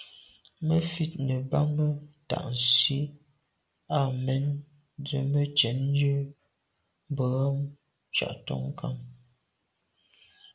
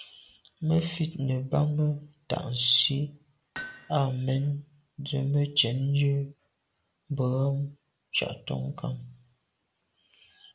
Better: first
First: none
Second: background sound (Hammer); 16 dB below the speech

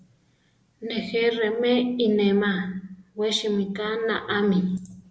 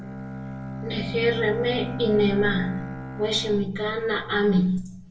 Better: first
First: none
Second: background sound (Bowed string instrument); 9 dB below the speech // room echo; dies away in 0.2 s

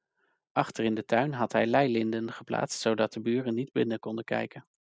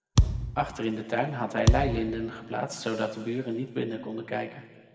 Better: first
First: none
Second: background sound (Thump, thud); 4 dB above the speech // room echo; dies away in 1.6 s

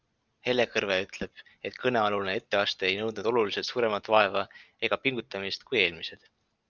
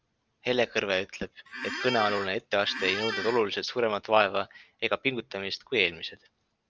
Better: first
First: none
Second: background sound (Squeak); 6 dB below the speech

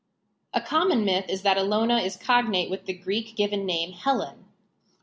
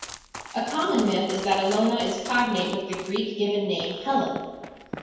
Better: first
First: none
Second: background sound (Run); 14 dB below the speech // room echo; dies away in 1.1 s

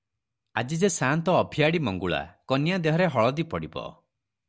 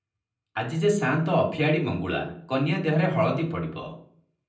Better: first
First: none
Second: room echo; dies away in 0.6 s

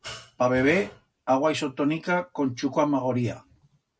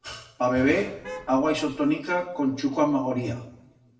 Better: first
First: none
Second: background sound (Traffic noise, roadway noise / Vehicle horn, car horn, honking); 16 dB below the speech // room echo; dies away in 0.7 s

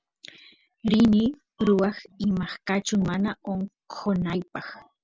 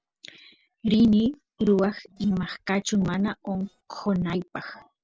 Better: first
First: none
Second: noise reduction (neural separator model SepFormer DNS4)

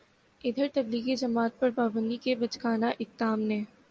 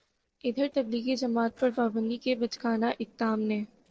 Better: first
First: none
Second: noise reduction (neural separator model SepFormer DNS4)

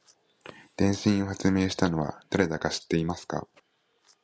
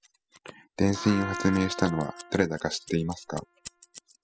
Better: first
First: none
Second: noise reduction (classical method spectral subtraction)

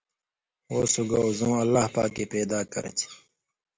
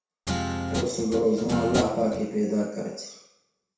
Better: first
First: none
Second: background sound (Guitar); 4 dB below the speech // room echo; dies away in 0.7 s

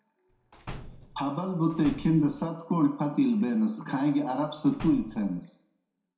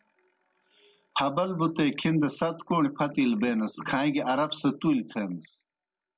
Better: second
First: background sound (Slam); 15 dB below the speech // room echo; dies away in 0.5 s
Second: none

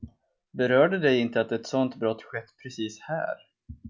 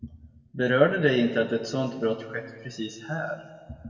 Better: first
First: none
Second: room echo; dies away in 1.4 s

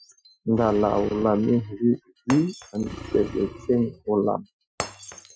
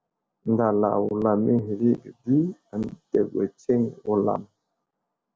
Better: second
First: noise reduction (classical method Wiener filter)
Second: none

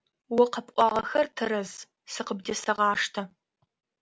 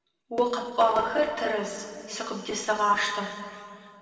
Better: first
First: none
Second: room echo; dies away in 2 s

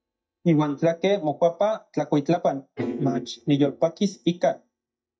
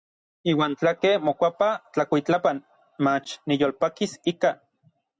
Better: second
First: noise reduction (neural mask model DeepFilterNet 3)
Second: none

